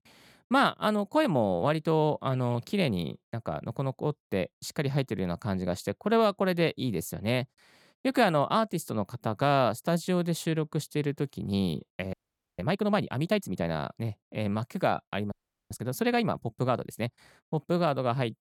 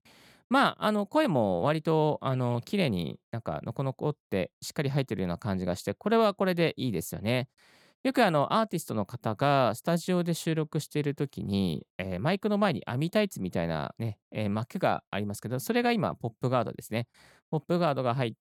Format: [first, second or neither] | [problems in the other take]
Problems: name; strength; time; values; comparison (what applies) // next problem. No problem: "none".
second | audio freezing; at 12 s and at 15 s